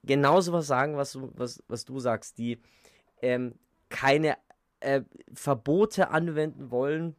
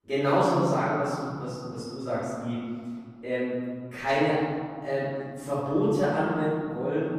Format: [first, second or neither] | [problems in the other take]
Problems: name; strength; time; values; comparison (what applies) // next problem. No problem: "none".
first | off-mic speech; far // room echo; strong; dies away in 2.2 s